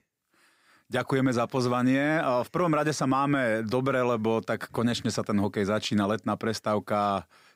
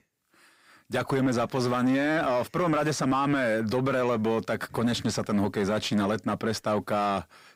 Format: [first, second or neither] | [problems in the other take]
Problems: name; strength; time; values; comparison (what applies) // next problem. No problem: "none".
first | distortion; slight; 10 dB below the speech